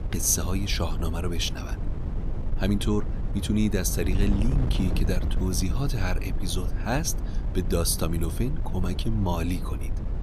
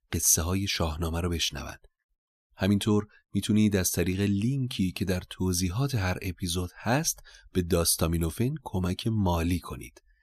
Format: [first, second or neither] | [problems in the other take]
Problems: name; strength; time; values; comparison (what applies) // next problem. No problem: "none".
second | wind noise on the microphone; occasional gusts; 10 dB below the speech